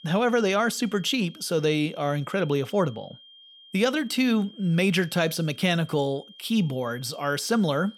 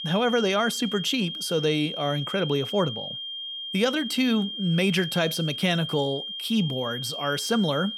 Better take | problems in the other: first | high-pitched whine; loud; throughout; 3 kHz, 6 dB below the speech; faint in the first

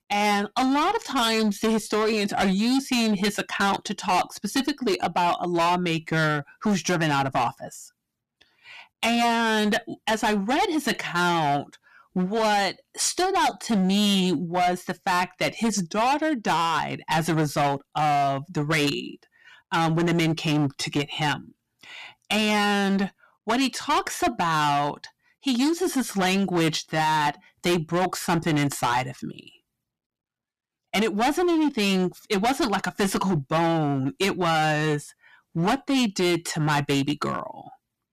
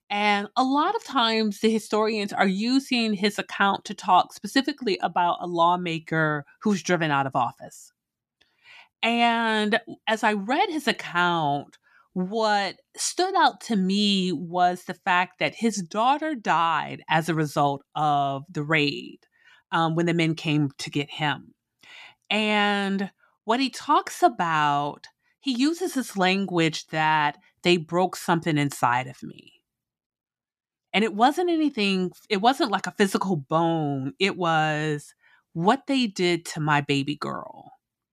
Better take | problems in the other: second | distortion; heavy; 17% of the sound clipped

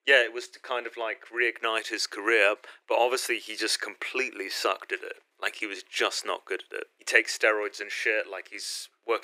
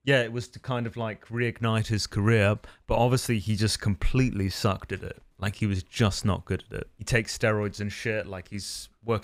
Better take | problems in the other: second | thin; very; fading below 350 Hz

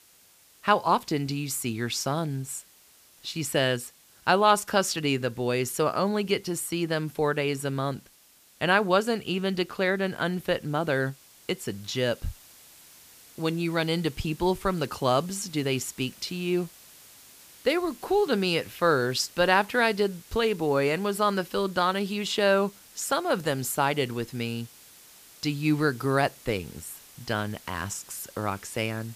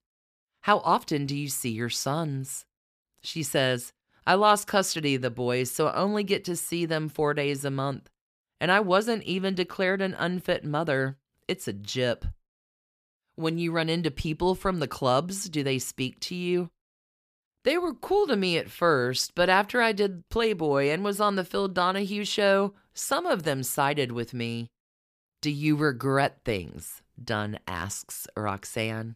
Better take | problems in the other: second | hiss; faint; throughout; 25 dB below the speech

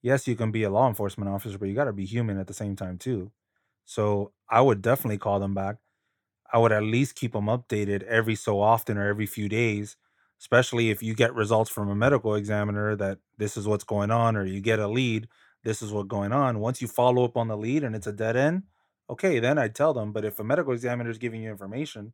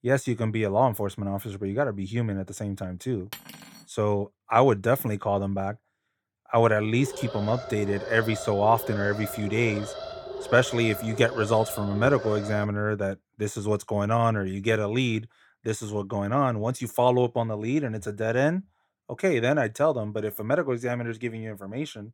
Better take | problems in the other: first | clattering dishes; faint; at 3.5 s; peak 15 dB below the speech // alarm; noticeable; from 7 to 13 s; peak 10 dB below the speech

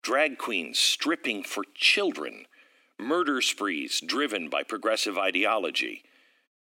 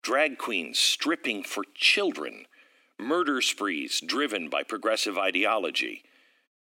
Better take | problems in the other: neither | thin; somewhat; fading below 300 Hz; the same in both

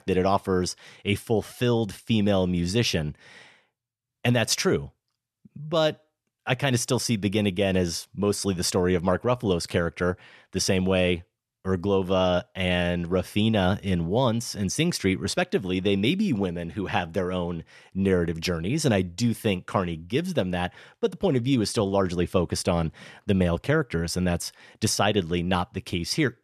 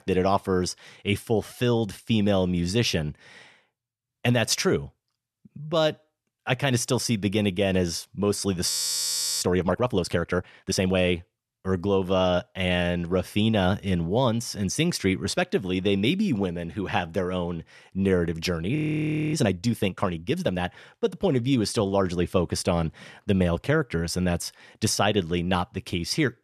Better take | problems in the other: first | audio freezing; at 8.5 s for 0.5 s and at 19 s for 0.5 s

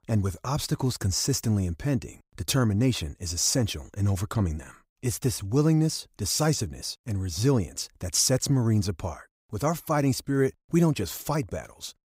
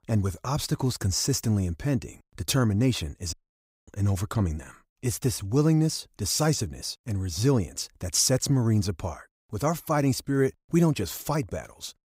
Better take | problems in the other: first | audio cutting out; at 3.5 s for 0.5 s

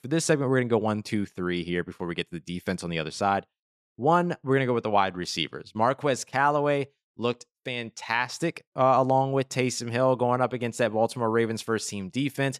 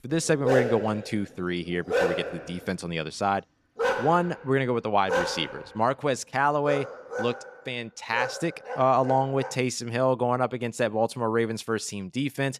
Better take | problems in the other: first | dog barking; loud; until 9.5 s; peak 2 dB above the speech

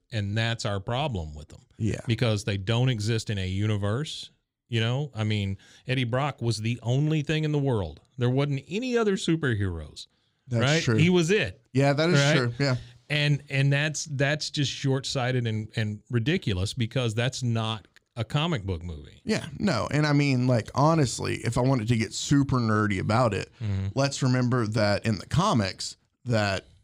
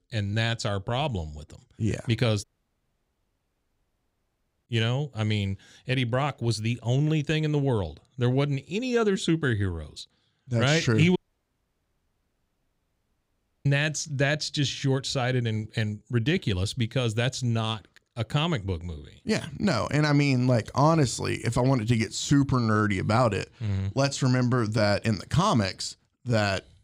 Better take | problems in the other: first | audio cutting out; at 2.5 s for 2 s and at 11 s for 2.5 s

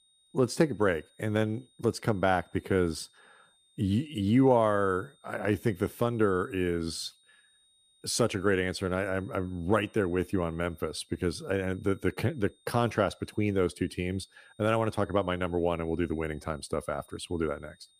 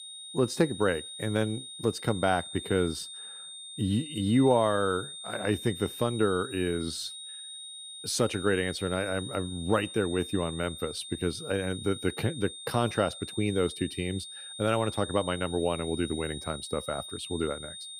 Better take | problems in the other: first | high-pitched whine; loud; throughout; 3.5 kHz, 10 dB below the speech; faint in the first

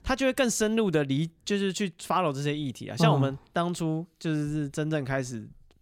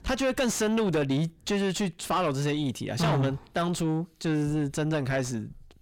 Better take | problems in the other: first | distortion; heavy; 5 dB below the speech

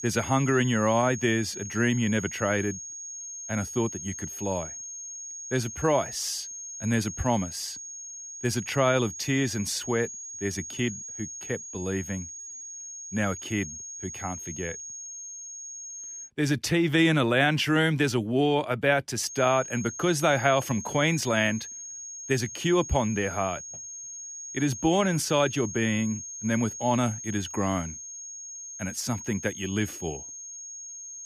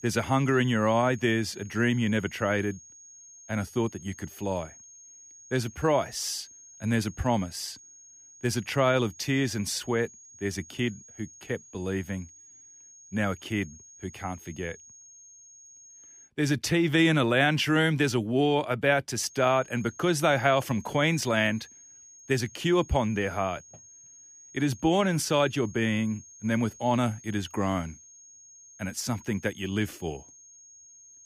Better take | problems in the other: second | high-pitched whine; loud; until 16 s and from 19 s on; 6.5 kHz, 10 dB below the speech; faint in the second

